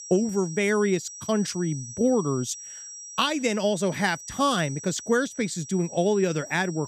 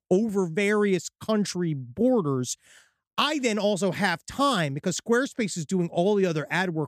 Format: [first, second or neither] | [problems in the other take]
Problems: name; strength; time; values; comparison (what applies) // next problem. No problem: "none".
second | high-pitched whine; noticeable; throughout; 6 kHz, 15 dB below the speech